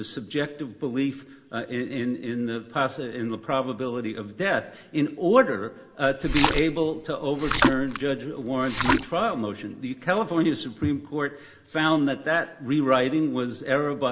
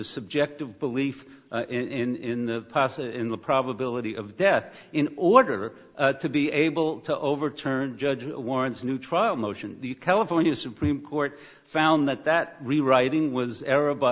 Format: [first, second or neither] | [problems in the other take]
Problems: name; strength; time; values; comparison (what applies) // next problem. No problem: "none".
second | background sound (Splash, splatter); 2 dB below the speech // room echo; dies away in 1 s